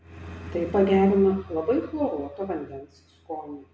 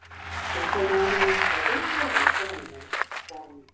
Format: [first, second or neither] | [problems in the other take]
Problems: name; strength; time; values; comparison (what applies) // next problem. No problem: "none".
first | background sound (Bicycle); 4 dB above the speech // room echo; dies away in 0.3 s